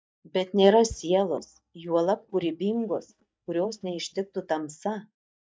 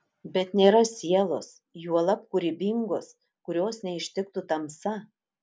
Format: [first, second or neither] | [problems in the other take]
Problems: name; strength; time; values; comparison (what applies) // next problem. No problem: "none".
second | noise reduction (neural mask model DeepFilterNet 3)